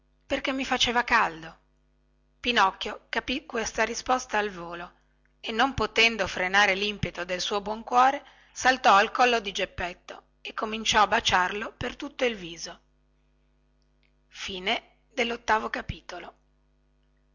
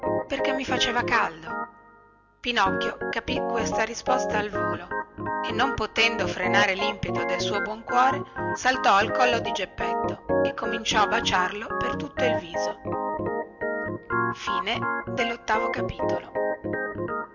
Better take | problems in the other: first | background sound (Organ); as loud as the speech

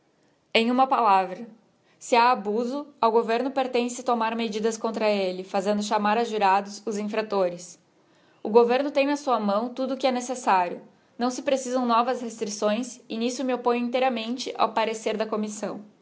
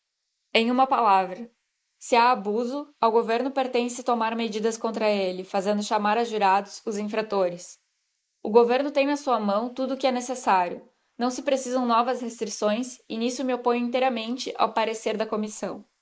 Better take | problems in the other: first | noise reduction (neural mask model Resemble Enhance denoiser)

